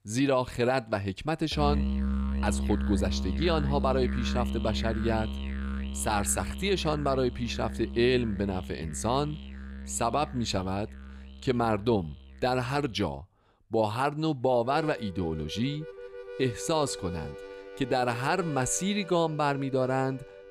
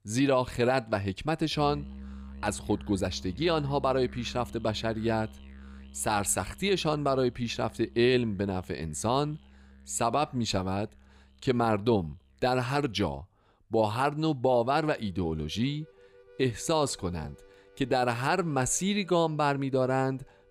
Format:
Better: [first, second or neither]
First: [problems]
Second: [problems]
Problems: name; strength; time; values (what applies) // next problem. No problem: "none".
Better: second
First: background music; loud; throughout; 7 dB below the speech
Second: background music; faint; throughout; 20 dB below the speech